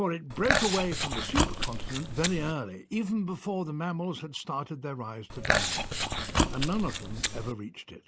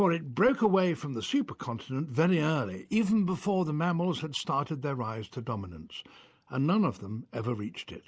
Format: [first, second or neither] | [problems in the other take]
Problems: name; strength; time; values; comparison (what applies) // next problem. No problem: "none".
second | background sound (Chewing, mastication); 3 dB above the speech